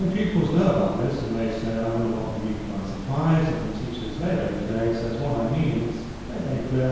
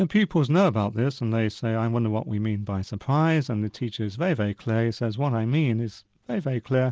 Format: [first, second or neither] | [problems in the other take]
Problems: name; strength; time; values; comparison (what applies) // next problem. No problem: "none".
second | background sound (Water); 10 dB below the speech // room echo; dies away in 1.2 s